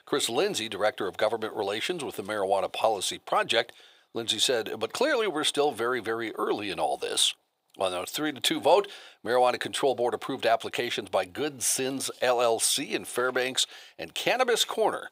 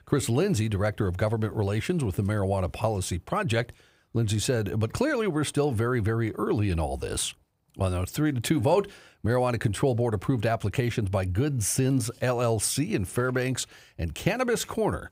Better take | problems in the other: second | thin; very; fading below 500 Hz

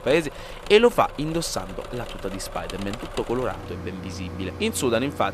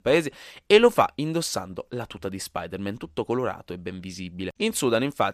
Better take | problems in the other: second | machinery noise; noticeable; throughout; 15 dB below the speech

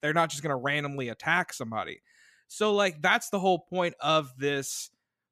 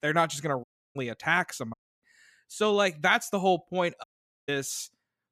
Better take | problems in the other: first | audio cutting out; at 0.5 s, at 1.5 s and at 4 s

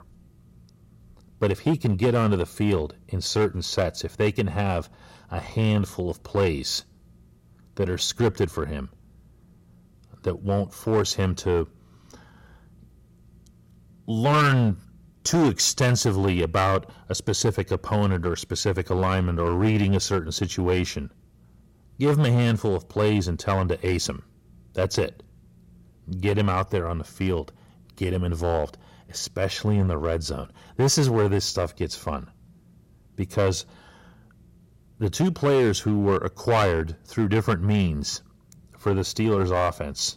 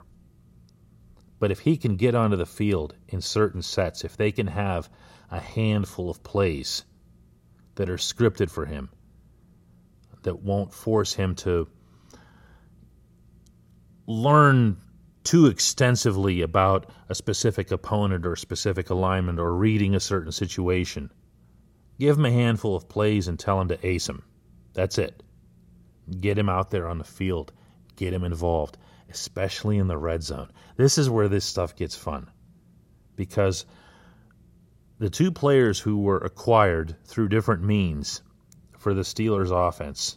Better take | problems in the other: second | distortion; slight; 5% of the sound clipped

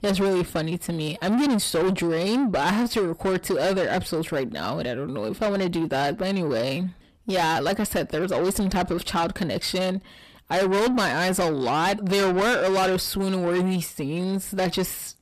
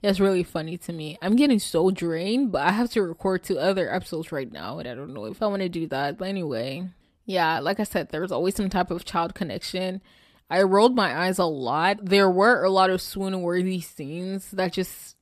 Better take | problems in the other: second | distortion; heavy; 6 dB below the speech

